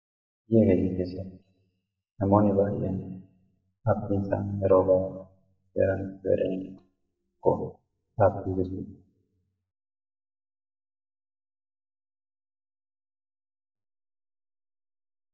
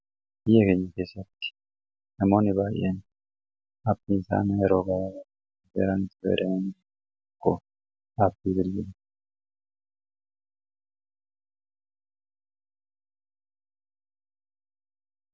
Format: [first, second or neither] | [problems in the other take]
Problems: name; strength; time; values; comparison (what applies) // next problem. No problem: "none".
second | noise reduction (neural mask model DeepFilterNet 3)